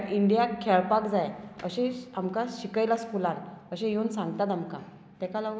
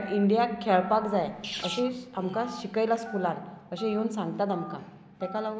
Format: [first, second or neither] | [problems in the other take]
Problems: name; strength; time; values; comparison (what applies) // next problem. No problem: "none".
first | background sound (Telephone + Sneeze); 14 dB below the speech